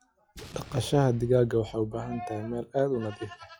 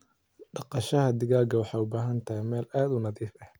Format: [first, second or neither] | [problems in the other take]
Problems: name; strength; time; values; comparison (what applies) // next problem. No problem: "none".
second | noise reduction (classical method log-MMSE)